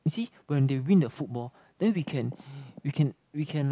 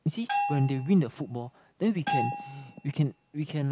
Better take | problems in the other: first | background sound (Bell); 6 dB below the speech

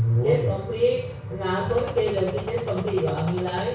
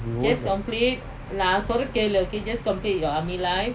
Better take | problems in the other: second | background sound (Gunshot, gunfire); 14 dB below the speech // room echo; dies away in 0.6 s

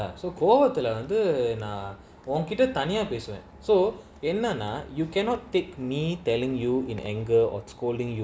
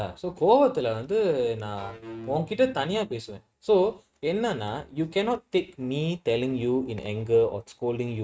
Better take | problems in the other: first | noise reduction (neural mask model RNNoise)

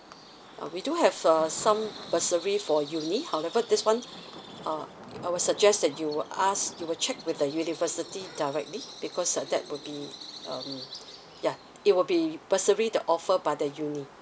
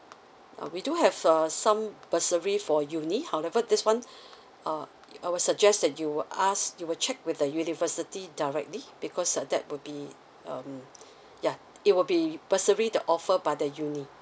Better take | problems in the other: second | background sound (Thunder / Rain + Bird vocalization, bird call, bird song); 17 dB below the speech

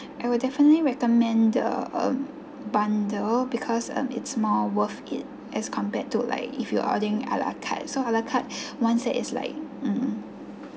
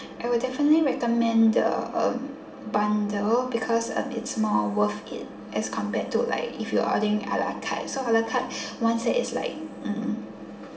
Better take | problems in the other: first | room echo; dies away in 1.9 s

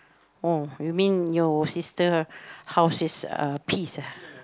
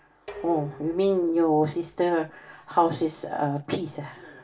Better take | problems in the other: first | background sound (Dishes, pots, and pans); 20 dB below the speech // room echo; dies away in 0.2 s

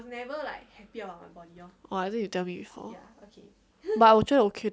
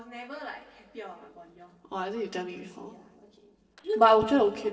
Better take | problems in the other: first | noise reduction (neural separator model SepFormer DNS4)

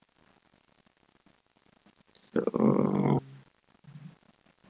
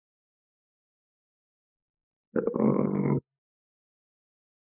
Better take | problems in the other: first | noise reduction (neural mask model Resemble Enhance denoiser)

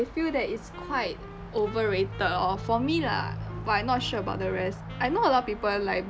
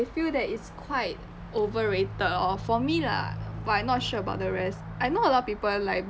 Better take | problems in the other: second | background sound (Wind instrument, woodwind instrument); 19 dB below the speech

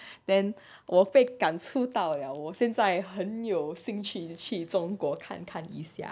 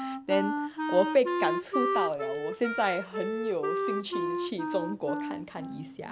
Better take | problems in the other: first | background sound (Wind instrument, woodwind instrument); 1 dB below the speech

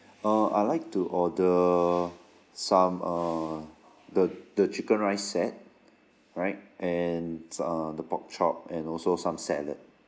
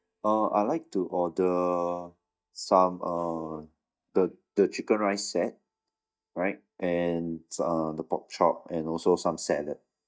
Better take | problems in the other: first | noise reduction (neural mask model DeepFilterNet 3)

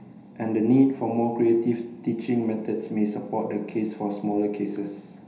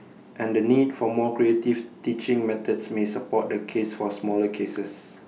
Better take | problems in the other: second | room echo; dies away in 0.9 s

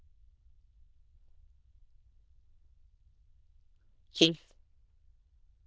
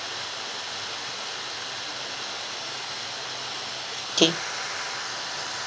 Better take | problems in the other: second | noise reduction (neural diffusion model UNIVERSE++)

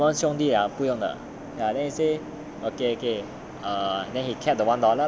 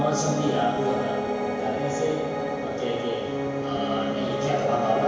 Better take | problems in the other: first | background sound (Piano); as loud as the speech // room echo; dies away in 1.1 s

